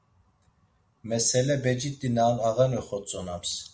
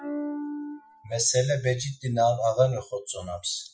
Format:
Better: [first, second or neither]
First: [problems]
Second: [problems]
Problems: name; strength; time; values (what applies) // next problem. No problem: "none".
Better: first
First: none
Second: noise reduction (classical method Wiener filter)